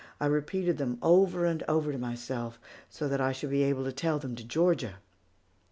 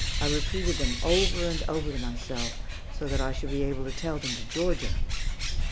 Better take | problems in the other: first | background sound (Bird); 3 dB above the speech

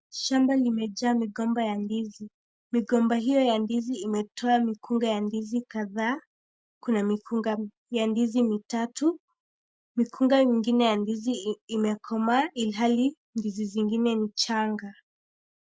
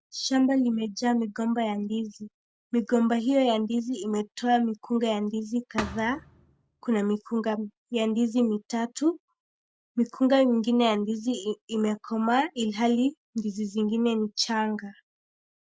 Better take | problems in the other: first | background sound (Thump, thud); 12 dB below the speech

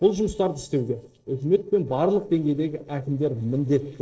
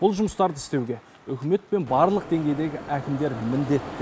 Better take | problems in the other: second | noise reduction (neural separator model SepFormer DNS4)

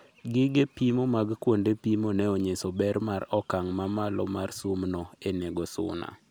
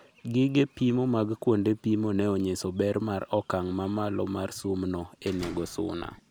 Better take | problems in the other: first | background sound (Slam); 17 dB below the speech

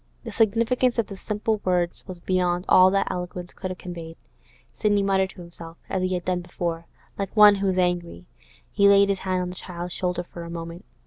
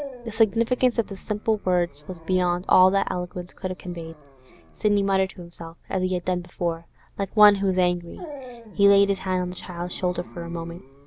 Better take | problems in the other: first | background sound (Dog); 19 dB below the speech

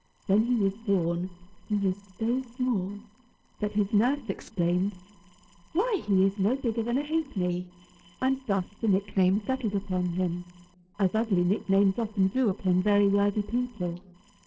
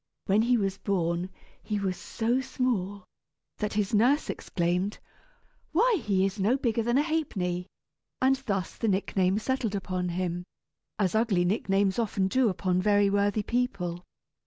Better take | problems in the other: second | noise reduction (neural separator model SepFormer DNS4)

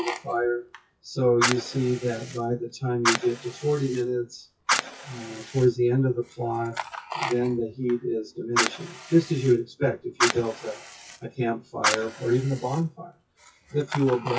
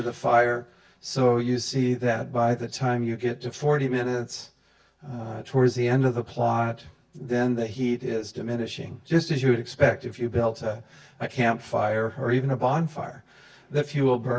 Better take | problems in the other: second | noise reduction (classical method WPE with log-MMSE)

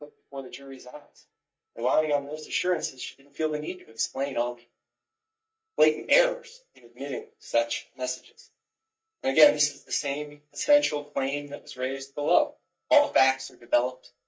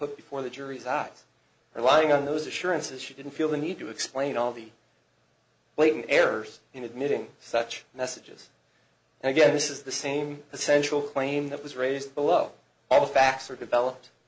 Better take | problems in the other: second | noise reduction (neural mask model DeepFilterNet 3)

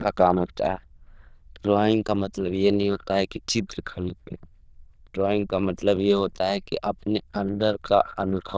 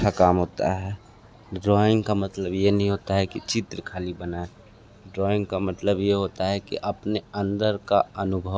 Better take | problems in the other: second | noise reduction (neural diffusion model UNIVERSE++)

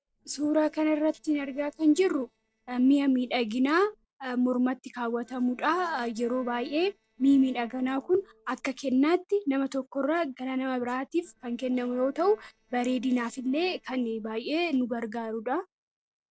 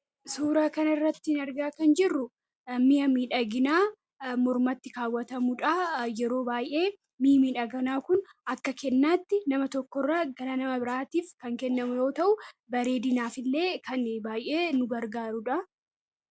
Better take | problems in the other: second | noise reduction (neural separator model SepFormer DNS4)

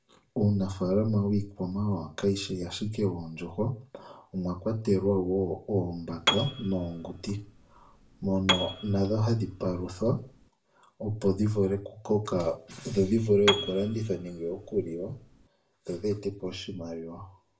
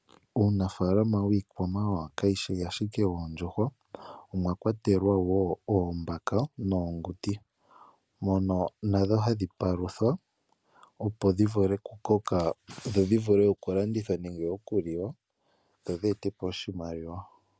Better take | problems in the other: second | background sound (Piano); 6 dB below the speech // room echo; dies away in 0.3 s

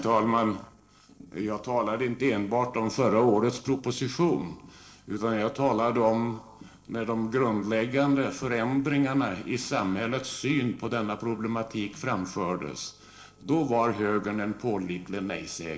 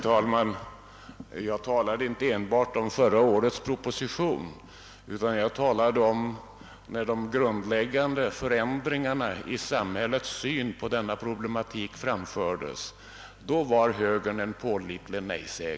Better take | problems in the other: second | noise reduction (neural separator model SepFormer DNS4)

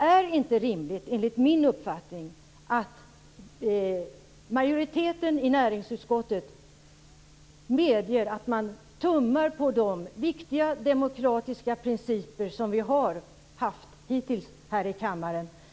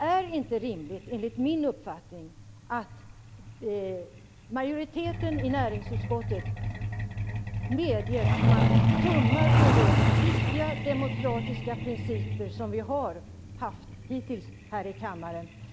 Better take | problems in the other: first | background sound (Truck); 4 dB above the speech

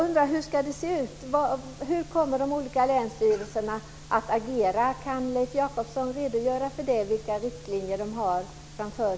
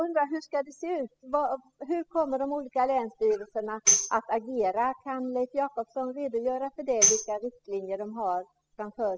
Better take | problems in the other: first | noise reduction (classical method spectral subtraction)

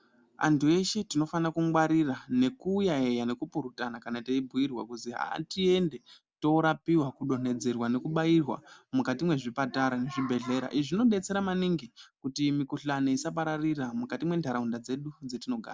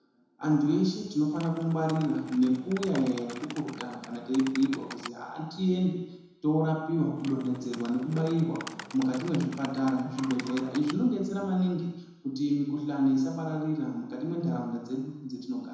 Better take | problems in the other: first | background sound (Typing); 15 dB below the speech // room echo; dies away in 1 s

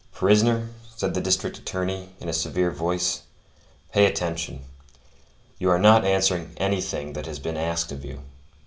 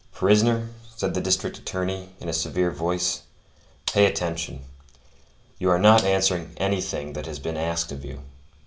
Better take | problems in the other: first | background sound (Gunshot, gunfire); 13 dB below the speech

